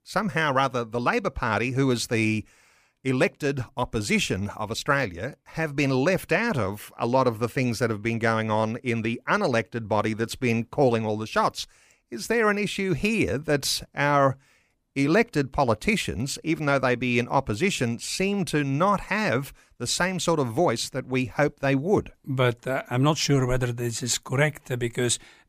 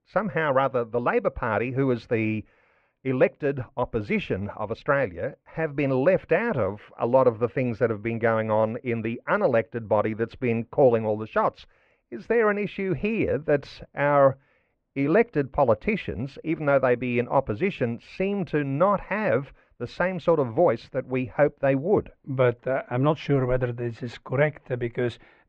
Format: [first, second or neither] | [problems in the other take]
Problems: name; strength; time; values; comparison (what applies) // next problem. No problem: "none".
first | muffled; very; fading above 2.5 kHz